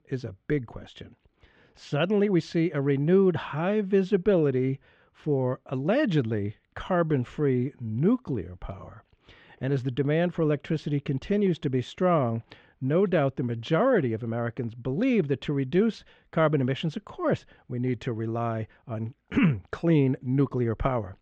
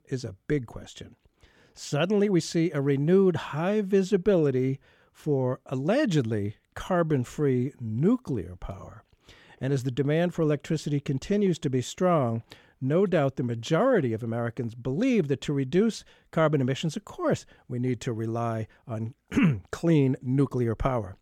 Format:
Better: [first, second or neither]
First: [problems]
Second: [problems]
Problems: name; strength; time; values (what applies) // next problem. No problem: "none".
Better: second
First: muffled; slightly; fading above 3 kHz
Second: none